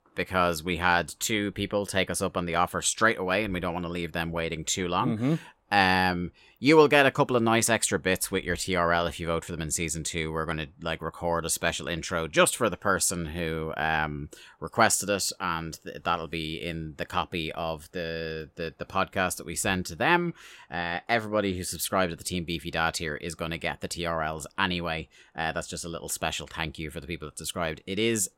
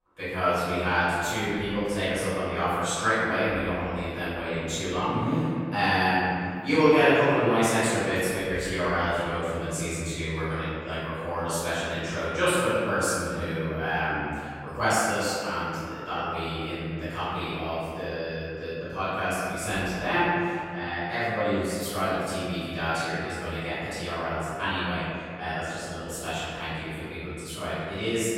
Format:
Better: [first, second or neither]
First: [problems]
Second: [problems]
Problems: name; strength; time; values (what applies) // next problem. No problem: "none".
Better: first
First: none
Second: off-mic speech; far // room echo; strong; dies away in 2.2 s